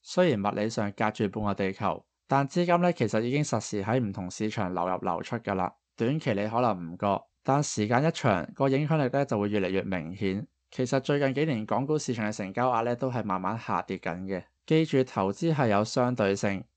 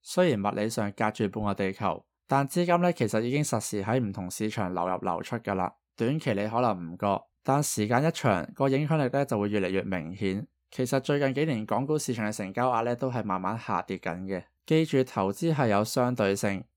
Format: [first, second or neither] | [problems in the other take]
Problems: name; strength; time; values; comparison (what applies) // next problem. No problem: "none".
second | garbled, watery; slightly; nothing above 8 kHz